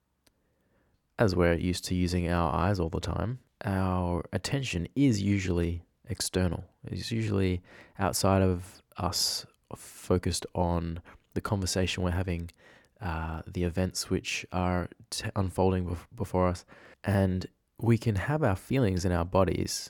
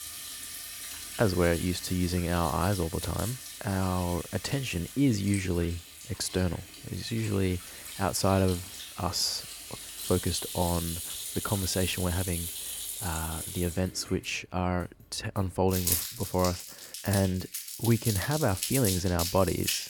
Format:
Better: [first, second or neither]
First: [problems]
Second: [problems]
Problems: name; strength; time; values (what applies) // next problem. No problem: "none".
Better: first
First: none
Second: household noises; loud; throughout; 6 dB below the speech